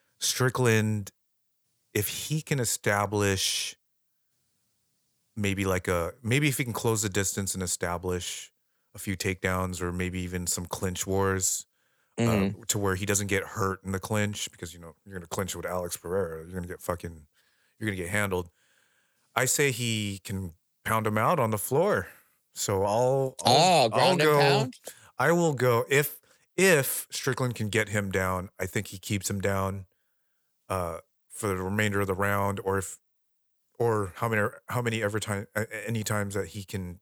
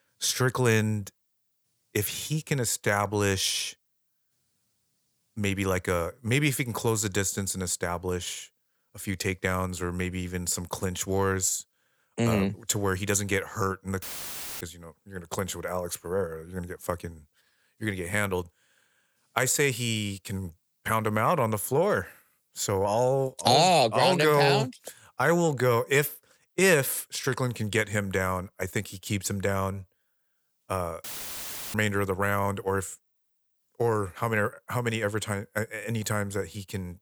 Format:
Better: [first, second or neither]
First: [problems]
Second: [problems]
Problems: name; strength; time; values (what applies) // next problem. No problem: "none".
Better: first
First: none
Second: audio cutting out; filled with static; at 14 s for 0.5 s and at 31 s for 0.5 s